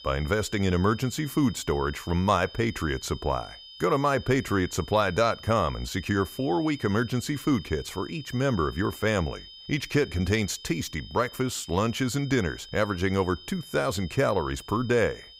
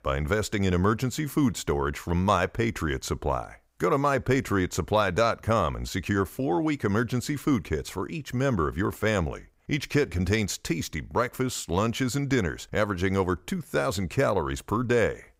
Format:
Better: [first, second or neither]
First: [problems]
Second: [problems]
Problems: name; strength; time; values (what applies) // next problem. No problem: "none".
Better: second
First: high-pitched whine; noticeable; throughout; 3 kHz, 15 dB below the speech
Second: none